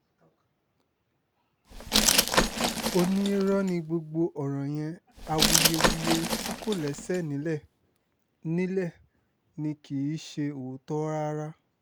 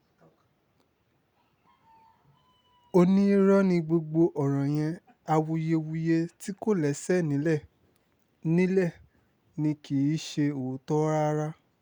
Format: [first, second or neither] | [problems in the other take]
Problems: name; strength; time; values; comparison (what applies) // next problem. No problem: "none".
second | background sound (Glass); 3 dB above the speech